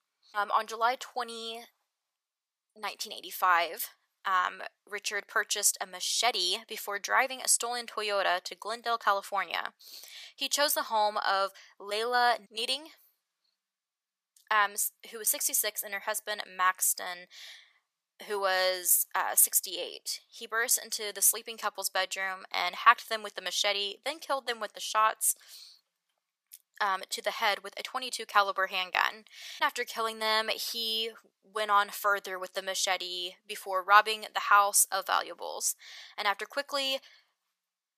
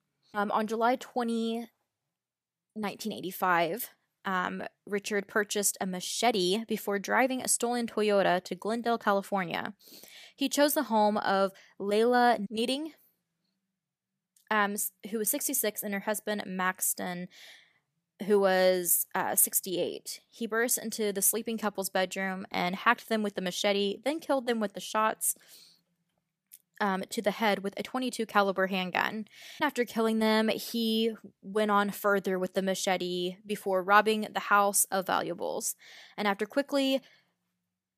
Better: second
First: thin; very; fading below 750 Hz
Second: none

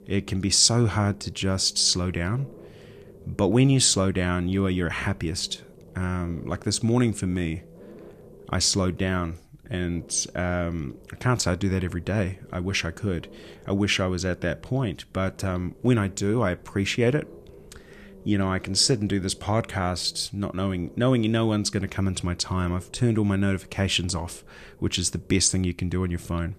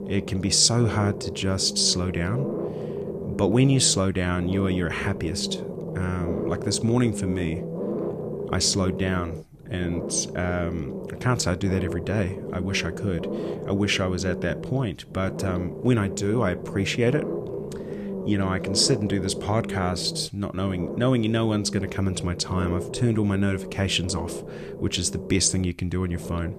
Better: first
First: low rumble; faint; throughout; 25 dB below the speech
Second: low rumble; loud; throughout; 8 dB below the speech

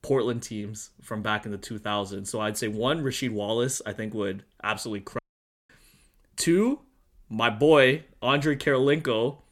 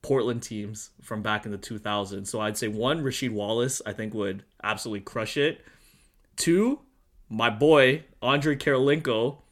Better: second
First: audio cutting out; at 5 s for 0.5 s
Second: none

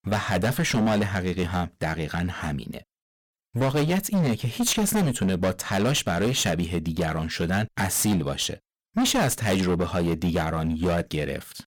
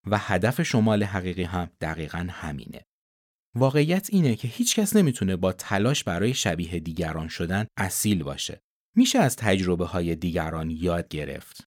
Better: second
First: distortion; heavy; 18% of the sound clipped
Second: none

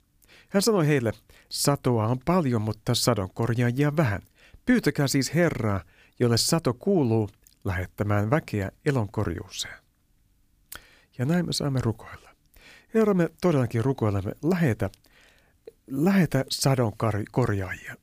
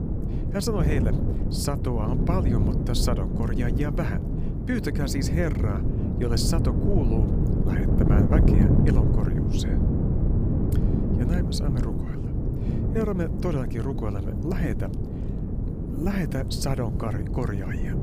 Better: first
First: none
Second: wind noise on the microphone; heavy; 1 dB below the speech

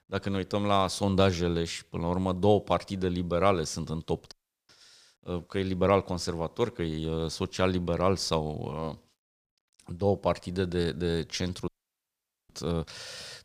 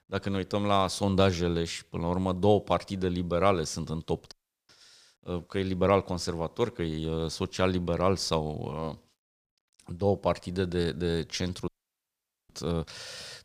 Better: neither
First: audio cutting out; at 4.5 s and at 12 s for 1 s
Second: audio cutting out; at 4.5 s and at 12 s for 1 s

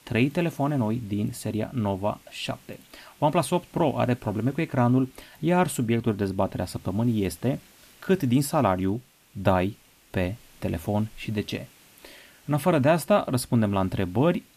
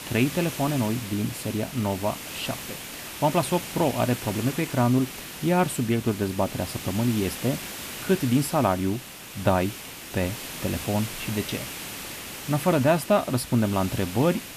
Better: first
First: hiss; faint; throughout; 30 dB below the speech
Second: hiss; loud; throughout; 9 dB below the speech

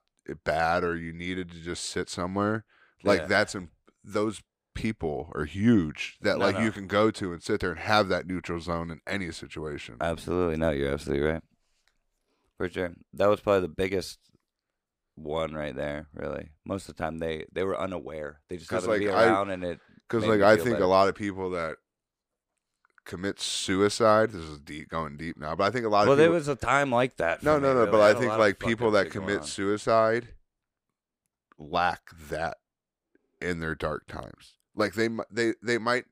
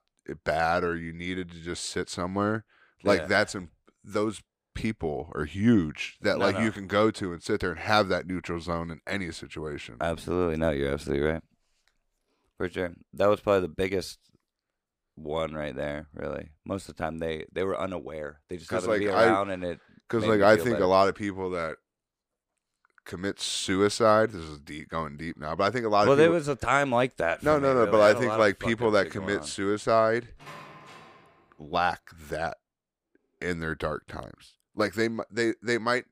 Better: first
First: none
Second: door banging; faint; from 30 to 31 s; peak 15 dB below the speech

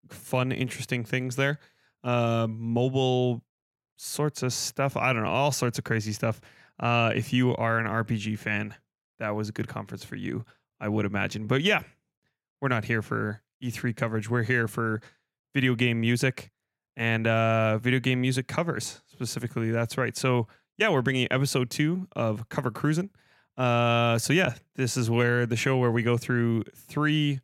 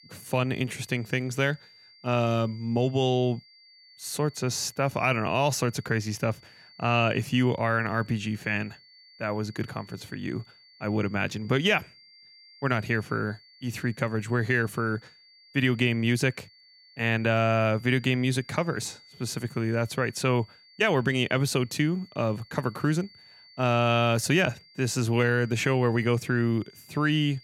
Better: first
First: none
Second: high-pitched whine; faint; throughout; 4.5 kHz, 25 dB below the speech

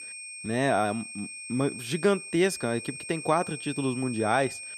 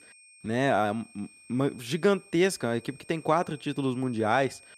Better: second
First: high-pitched whine; loud; throughout; 2.5 kHz, 10 dB below the speech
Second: high-pitched whine; faint; throughout; 2.5 kHz, 25 dB below the speech

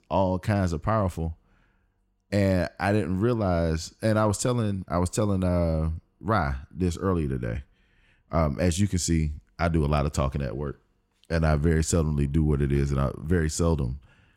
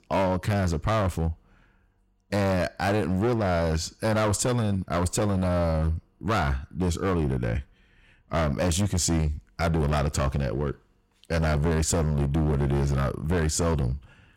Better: first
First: none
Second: distortion; heavy; 17% of the sound clipped

